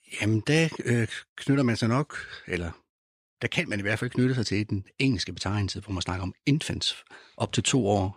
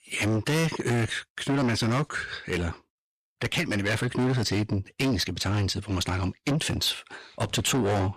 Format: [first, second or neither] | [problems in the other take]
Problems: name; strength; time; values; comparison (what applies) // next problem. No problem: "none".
first | distortion; heavy; 6 dB below the speech